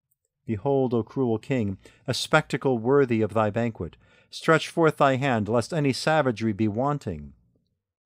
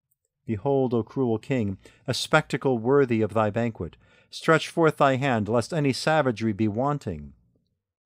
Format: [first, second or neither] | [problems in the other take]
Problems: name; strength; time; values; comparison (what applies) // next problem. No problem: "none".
neither | none